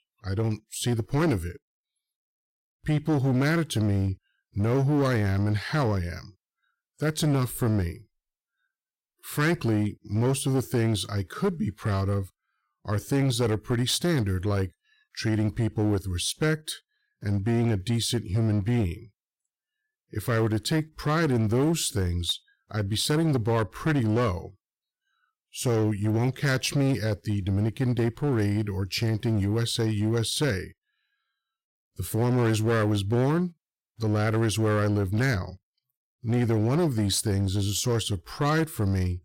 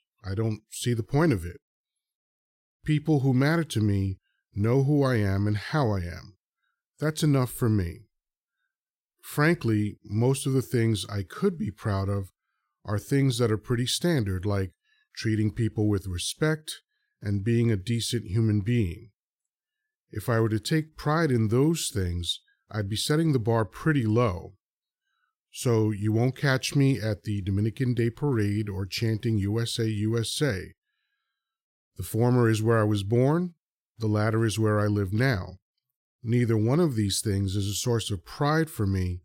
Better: second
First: distortion; slight; 10% of the sound clipped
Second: none

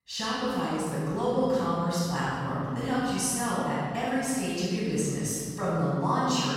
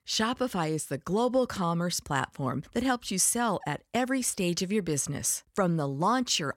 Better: second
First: room echo; strong; dies away in 2.3 s // off-mic speech; far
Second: none

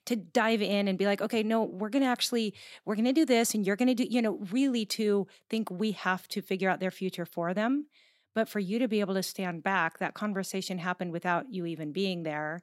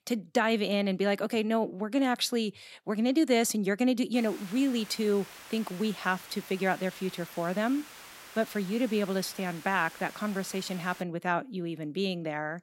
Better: first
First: none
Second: hiss; noticeable; from 4 to 11 s; 15 dB below the speech

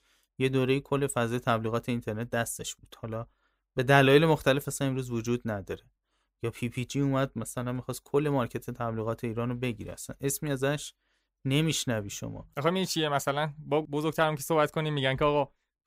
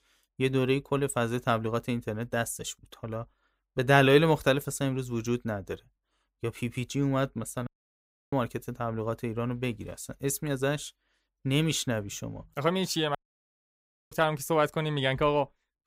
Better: first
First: none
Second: audio cutting out; at 7.5 s for 0.5 s and at 13 s for 1 s

